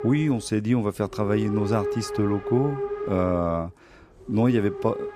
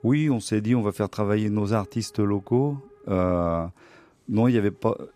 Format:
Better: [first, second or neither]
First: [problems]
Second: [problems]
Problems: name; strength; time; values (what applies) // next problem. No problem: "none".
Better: second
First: hiss; loud; throughout; 8 dB below the speech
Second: hiss; faint; throughout; 30 dB below the speech